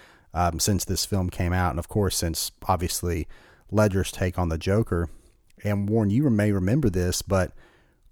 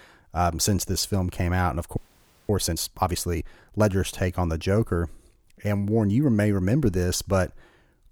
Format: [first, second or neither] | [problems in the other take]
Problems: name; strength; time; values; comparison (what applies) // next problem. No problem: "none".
first | audio freezing; at 2 s for 0.5 s